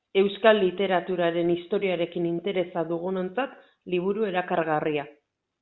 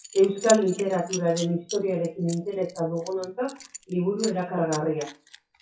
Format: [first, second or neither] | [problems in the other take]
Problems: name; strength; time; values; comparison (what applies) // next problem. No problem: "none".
first | noise reduction (classical method WPE with log-MMSE)